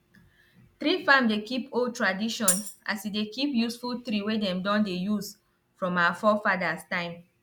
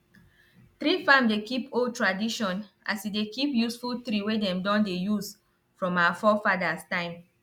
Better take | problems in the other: second | background sound (Tambourine); 4 dB below the speech

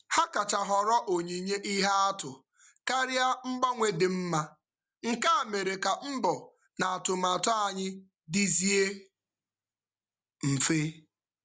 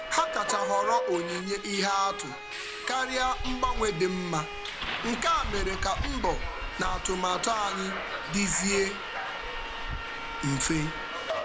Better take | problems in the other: first | background sound (Subway, metro, underground); 4 dB below the speech

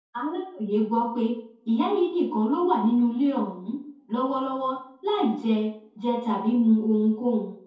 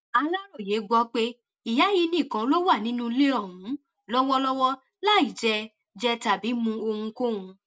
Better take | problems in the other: second | room echo; dies away in 0.6 s

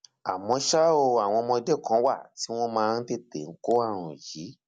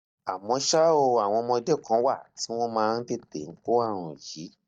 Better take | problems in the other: first | noise reduction (neural mask model DeepFilterNet 3)

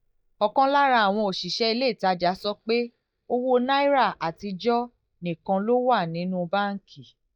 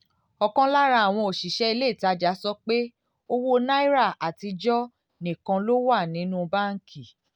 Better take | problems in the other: second | noise reduction (neural mask model DeepFilterNet 3)

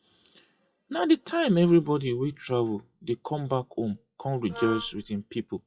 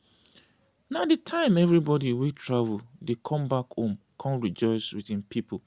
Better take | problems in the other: second | noise reduction (classical method WPE with log-MMSE)

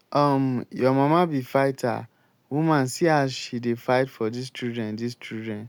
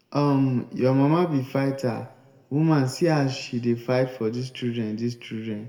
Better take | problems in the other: first | room echo; dies away in 1.1 s

